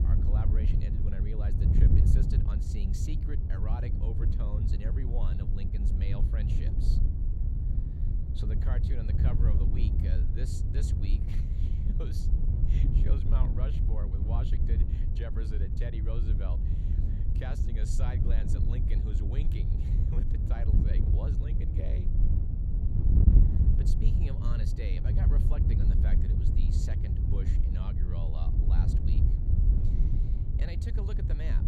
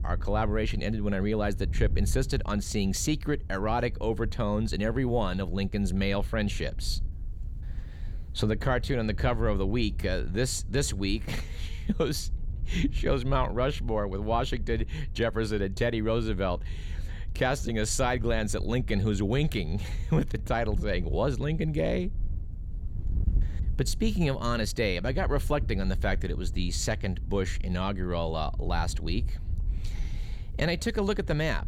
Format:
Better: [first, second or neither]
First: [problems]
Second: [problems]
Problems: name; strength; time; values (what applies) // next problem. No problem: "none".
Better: second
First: wind noise on the microphone; heavy; 2 dB above the speech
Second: wind noise on the microphone; occasional gusts; 20 dB below the speech